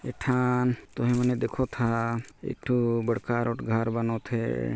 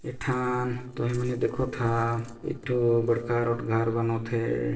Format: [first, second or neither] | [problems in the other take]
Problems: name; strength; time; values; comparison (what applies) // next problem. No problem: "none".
first | noise reduction (neural separator model SepFormer DNS4)